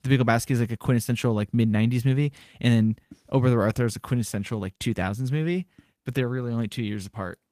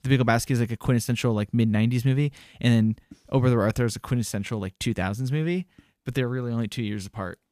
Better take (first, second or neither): second